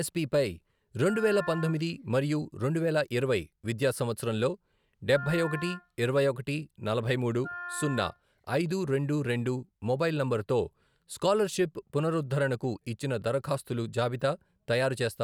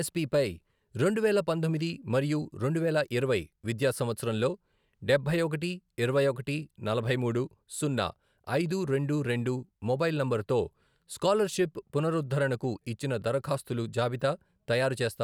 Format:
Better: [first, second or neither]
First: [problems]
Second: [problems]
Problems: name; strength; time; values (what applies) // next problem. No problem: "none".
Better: second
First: background sound (Wind instrument, woodwind instrument); 13 dB below the speech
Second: none